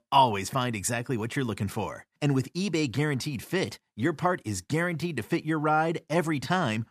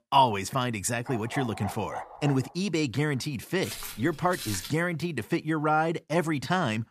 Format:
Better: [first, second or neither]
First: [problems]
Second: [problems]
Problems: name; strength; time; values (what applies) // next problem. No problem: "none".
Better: first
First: none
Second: dog barking; noticeable; from 1 to 2.5 s; peak 9 dB below the speech // footsteps; noticeable; from 3.5 to 4.5 s; peak 7 dB below the speech